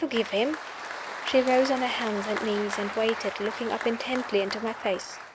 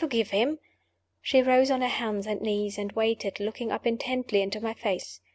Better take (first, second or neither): second